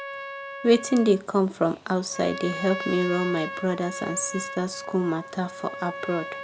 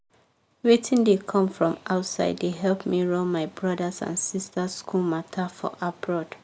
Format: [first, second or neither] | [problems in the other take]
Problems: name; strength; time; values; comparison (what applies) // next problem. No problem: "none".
second | background sound (Trumpet); 10 dB below the speech